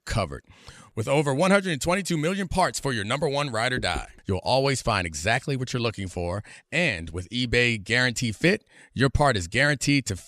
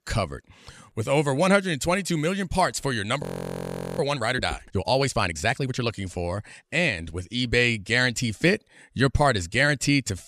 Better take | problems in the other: first | audio freezing; at 3 s for 1 s

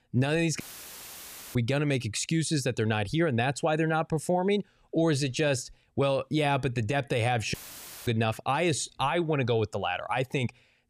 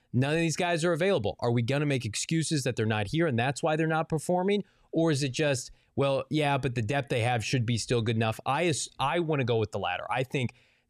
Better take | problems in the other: second | audio cutting out; filled with static; at 0.5 s for 1 s and at 7.5 s for 0.5 s

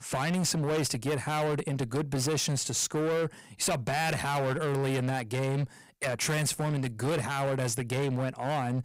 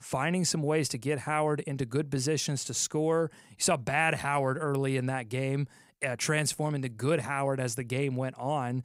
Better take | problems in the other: second | distortion; heavy; 24% of the sound clipped

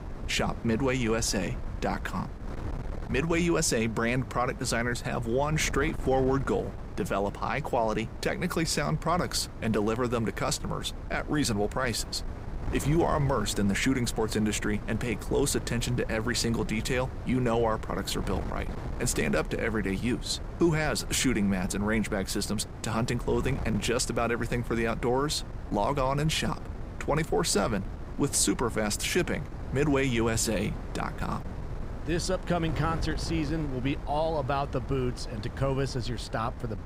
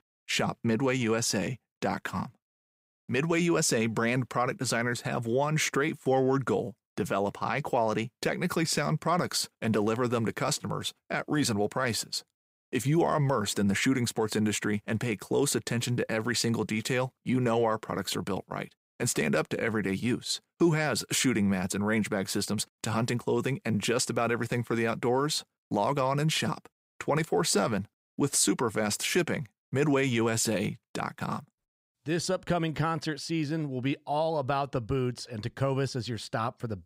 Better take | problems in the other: second | wind noise on the microphone; occasional gusts; 15 dB below the speech

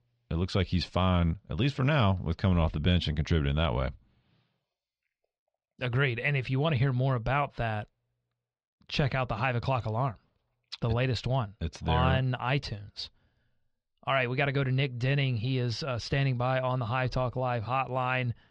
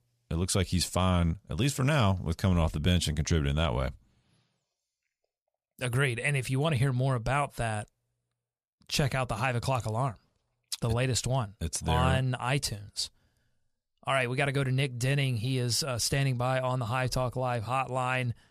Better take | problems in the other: second | muffled; slightly; fading above 4 kHz

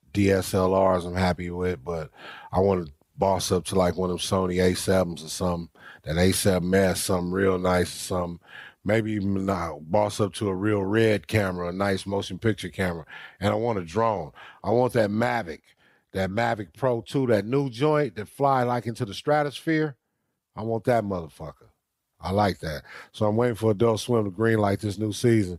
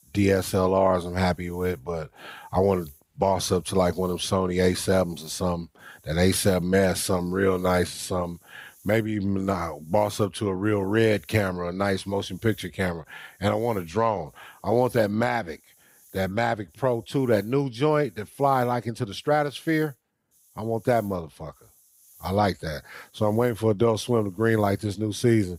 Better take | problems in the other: first | hiss; faint; throughout; 30 dB below the speech

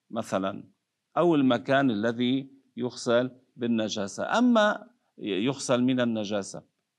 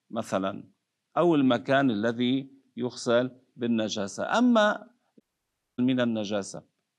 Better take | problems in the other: first | audio cutting out; at 5 s for 0.5 s

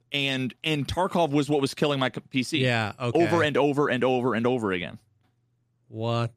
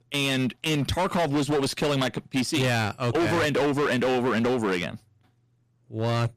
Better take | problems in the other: first | distortion; heavy; 20% of the sound clipped

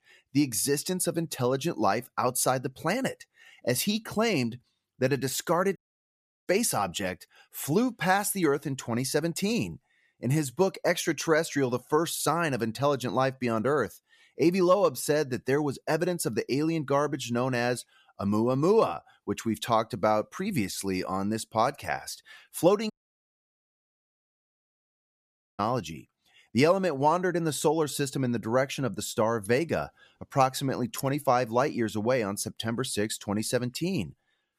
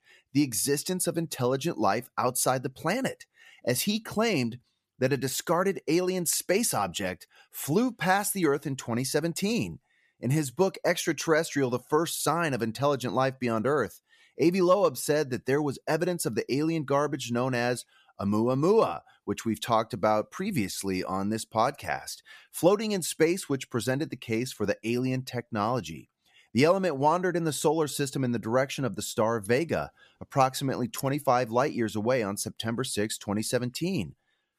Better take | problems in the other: second | audio cutting out; at 6 s for 0.5 s and at 23 s for 2.5 s

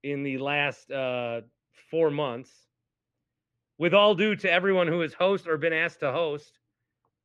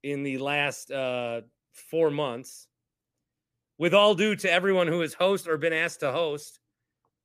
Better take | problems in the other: second | muffled; slightly; fading above 3 kHz

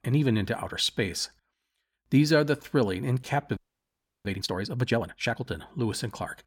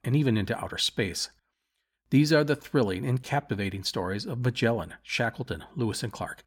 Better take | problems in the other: second | audio freezing; at 3.5 s for 0.5 s

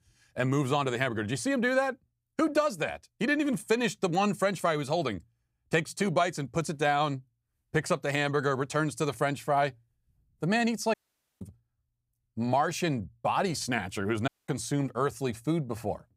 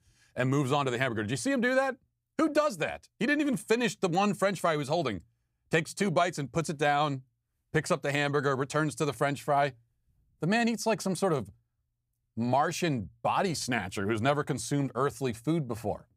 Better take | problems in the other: second | audio cutting out; at 11 s and at 14 s

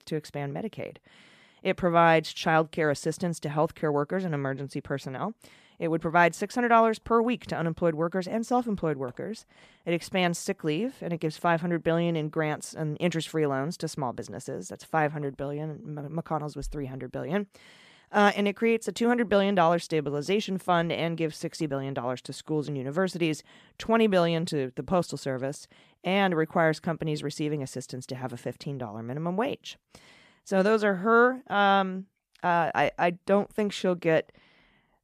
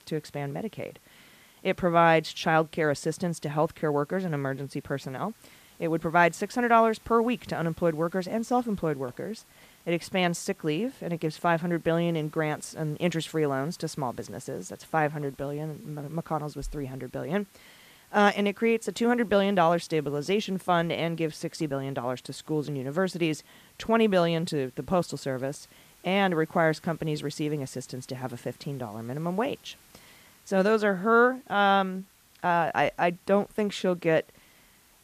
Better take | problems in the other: first | hiss; faint; throughout; 30 dB below the speech

